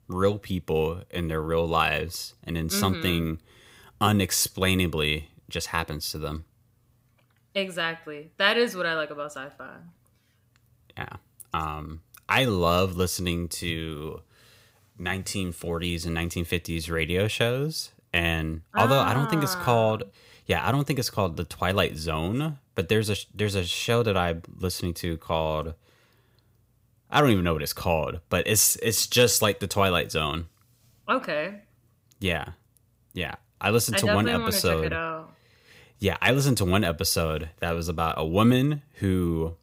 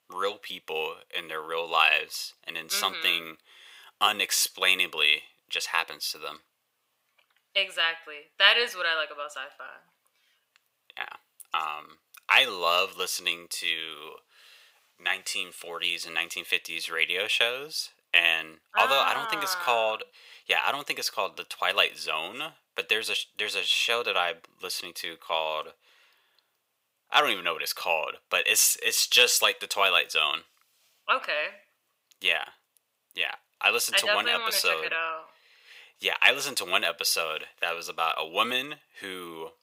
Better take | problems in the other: first | thin; very; fading below 750 Hz

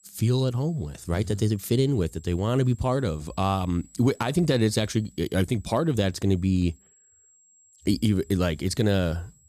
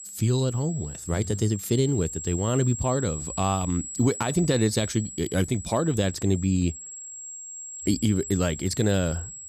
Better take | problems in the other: first | high-pitched whine; loud; throughout; 7.5 kHz, 10 dB below the speech; faint in the first

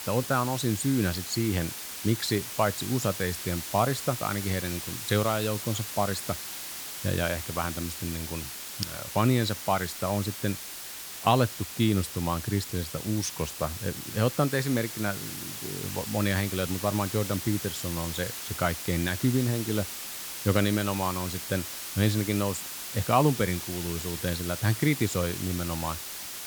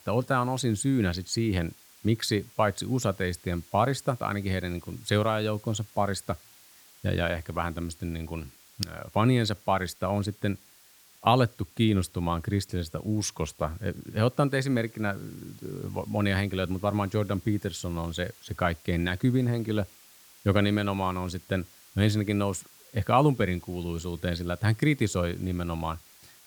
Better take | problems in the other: second | hiss; loud; throughout; 6 dB below the speech; faint in the second

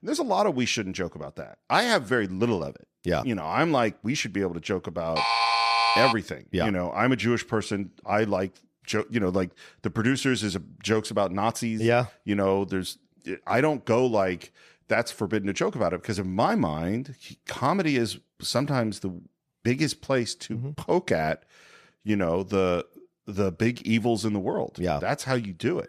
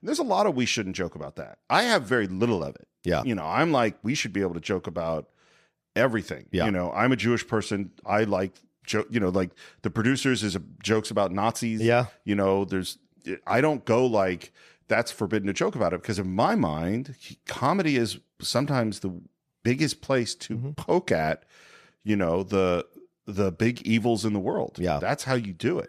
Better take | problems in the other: second | alarm; loud; at 5 s; peak 6 dB above the speech

